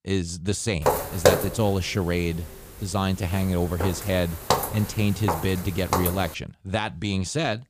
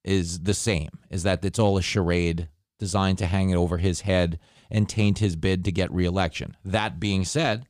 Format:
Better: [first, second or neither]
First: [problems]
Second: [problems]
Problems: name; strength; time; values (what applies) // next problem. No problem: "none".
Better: second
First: footsteps; loud; from 1 to 6 s; peak 5 dB above the speech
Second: none